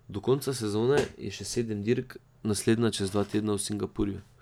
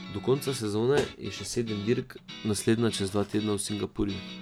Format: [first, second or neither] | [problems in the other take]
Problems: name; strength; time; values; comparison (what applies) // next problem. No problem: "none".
first | background sound (Guitar); 15 dB below the speech